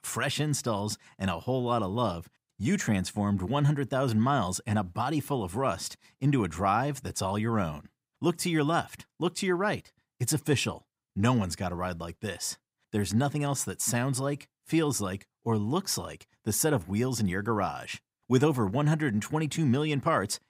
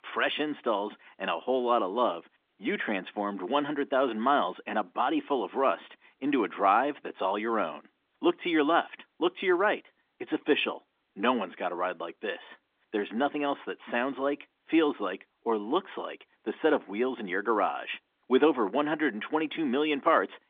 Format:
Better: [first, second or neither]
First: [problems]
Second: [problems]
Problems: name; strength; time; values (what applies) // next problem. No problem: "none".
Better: first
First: none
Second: phone-call audio; nothing above 3.5 kHz